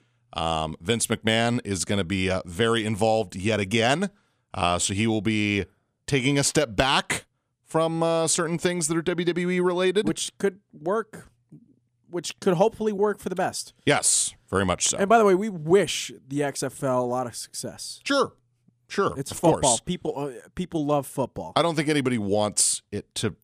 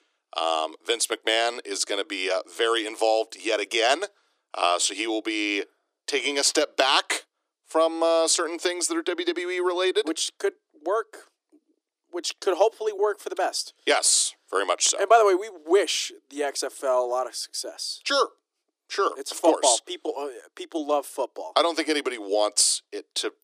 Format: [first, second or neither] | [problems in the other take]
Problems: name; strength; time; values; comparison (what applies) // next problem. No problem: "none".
first | thin; very; fading below 300 Hz